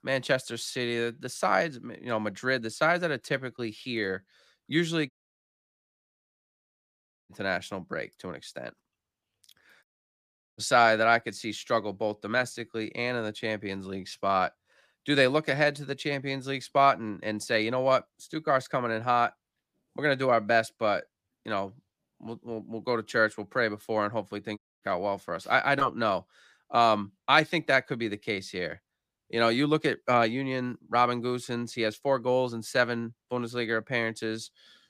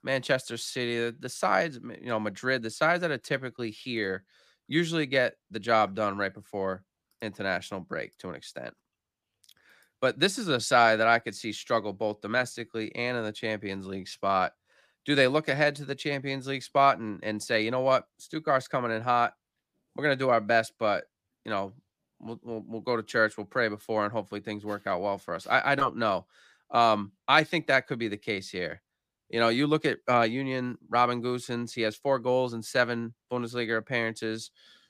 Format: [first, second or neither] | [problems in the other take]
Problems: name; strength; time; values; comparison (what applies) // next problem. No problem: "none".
second | audio cutting out; at 5 s for 2 s, at 10 s for 0.5 s and at 25 s